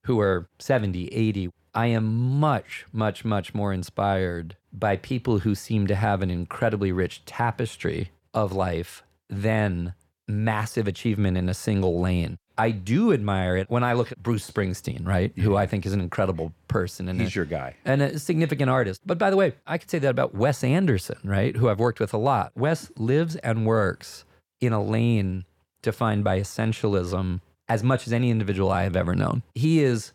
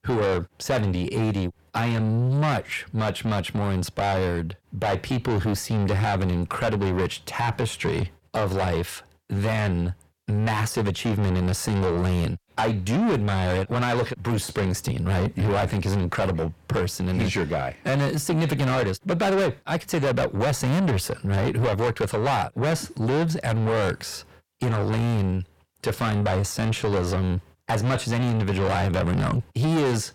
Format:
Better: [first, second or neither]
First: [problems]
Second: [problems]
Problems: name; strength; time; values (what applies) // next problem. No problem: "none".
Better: first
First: none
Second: distortion; heavy; 6 dB below the speech